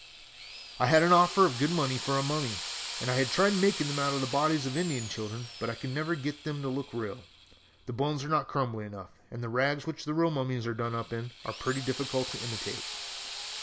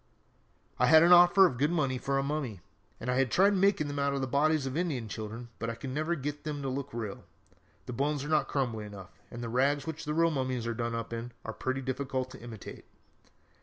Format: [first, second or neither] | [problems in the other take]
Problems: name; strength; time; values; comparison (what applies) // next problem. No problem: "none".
second | background sound (Drill); 11 dB below the speech